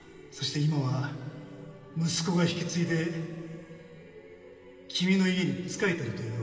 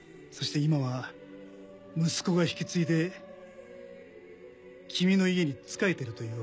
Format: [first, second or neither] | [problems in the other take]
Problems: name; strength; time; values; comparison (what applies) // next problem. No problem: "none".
second | room echo; dies away in 2.6 s